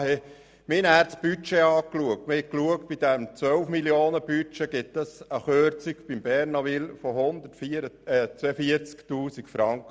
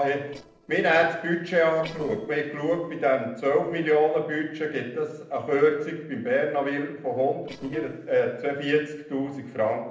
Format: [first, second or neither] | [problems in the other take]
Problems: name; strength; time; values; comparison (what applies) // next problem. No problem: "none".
first | noise reduction (neural separator model SepFormer DNS4)